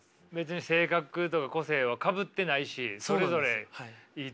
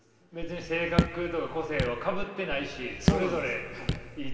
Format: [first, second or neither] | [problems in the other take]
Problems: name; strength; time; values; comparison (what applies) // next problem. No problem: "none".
first | background sound (Raindrop / Drip); as loud as the speech // room echo; dies away in 2.1 s